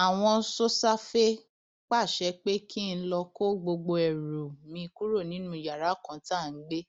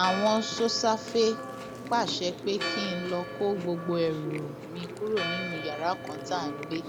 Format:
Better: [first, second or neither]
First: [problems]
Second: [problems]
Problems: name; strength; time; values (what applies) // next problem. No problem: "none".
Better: first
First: none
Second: background sound (Chewing, mastication + Church bell); 7 dB below the speech